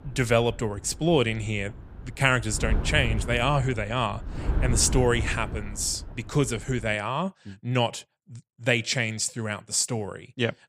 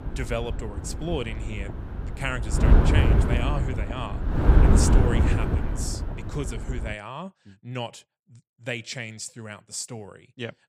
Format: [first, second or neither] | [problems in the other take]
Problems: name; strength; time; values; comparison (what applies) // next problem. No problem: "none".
first | wind noise on the microphone; heavy; until 7 s; 2 dB above the speech; occasional gusts in the first